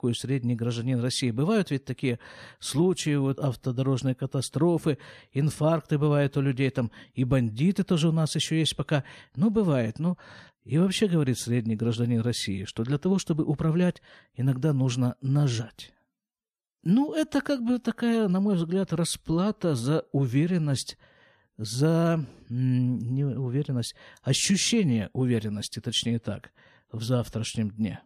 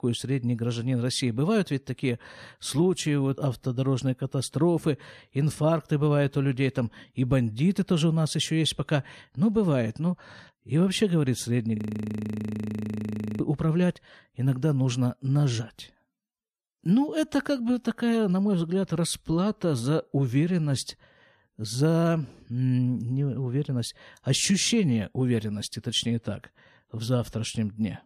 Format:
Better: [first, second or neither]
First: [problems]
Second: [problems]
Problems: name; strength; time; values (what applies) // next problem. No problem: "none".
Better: first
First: none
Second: audio freezing; at 12 s for 1.5 s